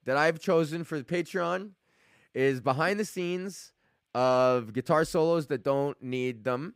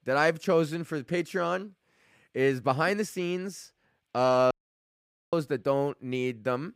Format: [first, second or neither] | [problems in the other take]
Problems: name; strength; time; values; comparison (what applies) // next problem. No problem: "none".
first | audio cutting out; at 4.5 s for 1 s